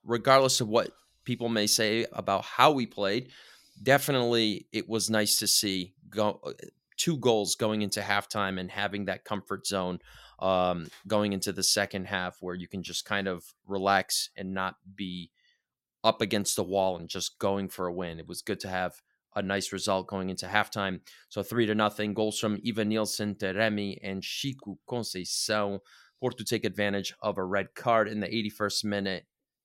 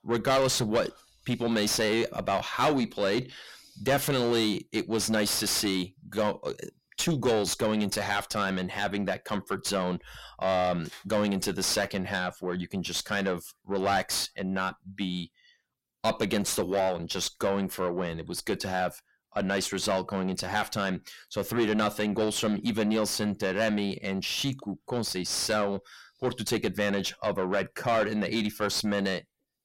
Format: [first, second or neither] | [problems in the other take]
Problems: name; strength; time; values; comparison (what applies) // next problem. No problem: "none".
first | distortion; heavy; 6 dB below the speech